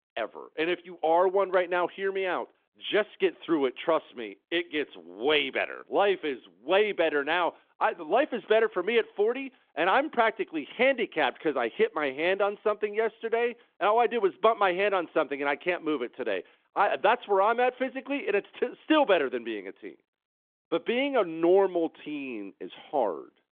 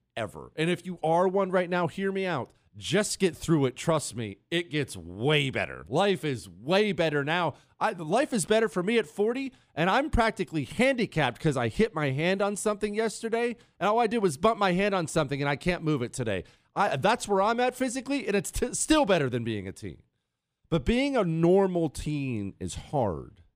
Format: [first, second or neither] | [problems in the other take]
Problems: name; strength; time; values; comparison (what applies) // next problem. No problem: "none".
second | phone-call audio; nothing above 3.5 kHz